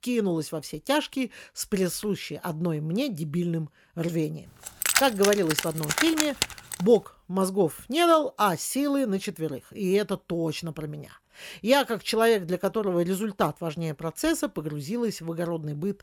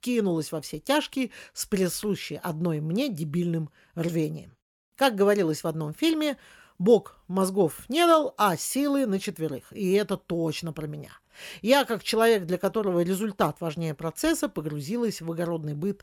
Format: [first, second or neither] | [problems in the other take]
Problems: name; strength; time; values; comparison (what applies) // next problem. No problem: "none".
second | jangling keys; loud; from 4.5 to 7 s; peak 4 dB above the speech